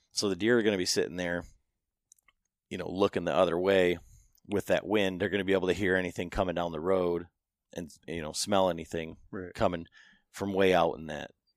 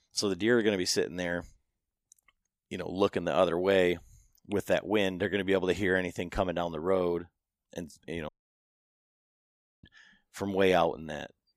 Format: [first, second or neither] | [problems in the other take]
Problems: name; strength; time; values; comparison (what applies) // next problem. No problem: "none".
first | audio cutting out; at 8.5 s for 1.5 s